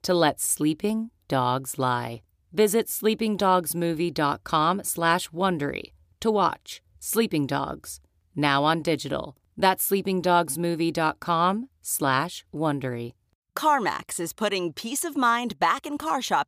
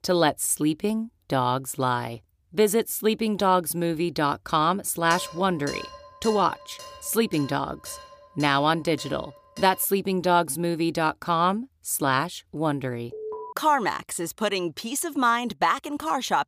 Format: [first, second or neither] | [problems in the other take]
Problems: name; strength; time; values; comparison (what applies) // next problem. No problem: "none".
first | clattering dishes; faint; from 5 to 10 s; peak 10 dB below the speech // alarm; faint; at 13 s; peak 10 dB below the speech